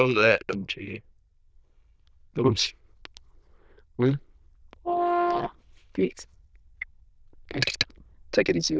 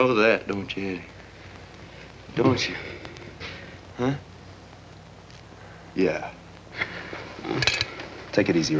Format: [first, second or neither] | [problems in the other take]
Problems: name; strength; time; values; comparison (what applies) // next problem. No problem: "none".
second | noise reduction (neural diffusion model UNIVERSE++)